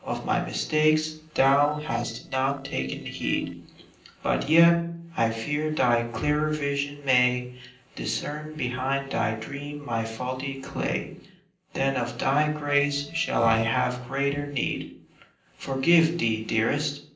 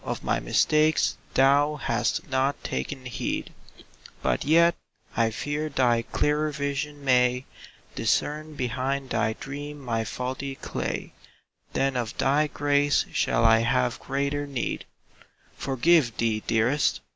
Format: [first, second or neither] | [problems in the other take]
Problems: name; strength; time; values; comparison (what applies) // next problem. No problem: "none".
second | noise reduction (neural separator model SepFormer DNS4)